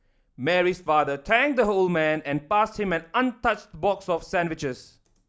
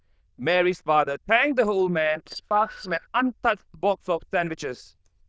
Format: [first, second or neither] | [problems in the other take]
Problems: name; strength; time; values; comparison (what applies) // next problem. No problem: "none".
first | noise reduction (neural diffusion model UNIVERSE++)